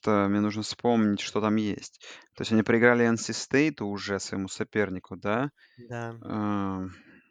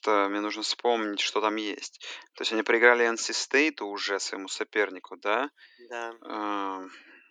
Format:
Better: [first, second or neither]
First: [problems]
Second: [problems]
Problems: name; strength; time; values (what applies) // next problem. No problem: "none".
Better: first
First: none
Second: thin; very; fading below 300 Hz